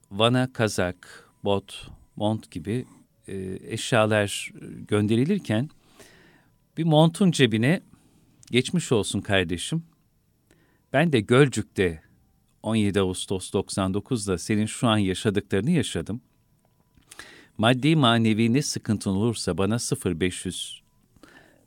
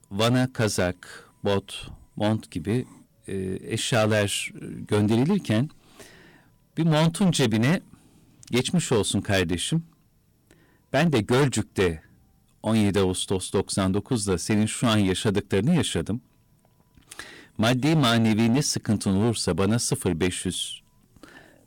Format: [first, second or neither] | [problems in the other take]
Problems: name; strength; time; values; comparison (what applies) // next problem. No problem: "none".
first | distortion; heavy; 8% of the sound clipped